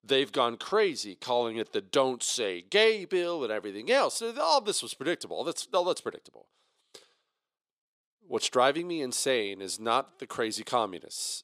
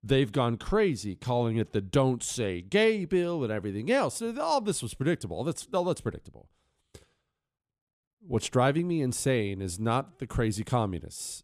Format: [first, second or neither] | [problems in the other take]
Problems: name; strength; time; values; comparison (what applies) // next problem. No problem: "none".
second | thin; somewhat; fading below 450 Hz